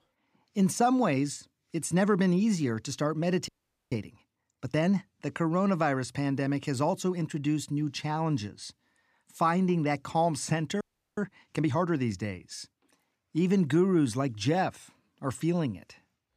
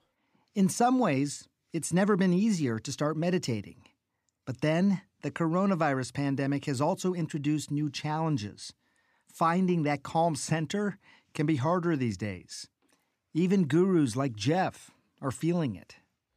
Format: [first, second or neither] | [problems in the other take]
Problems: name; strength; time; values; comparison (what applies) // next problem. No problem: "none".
second | audio freezing; at 3.5 s and at 11 s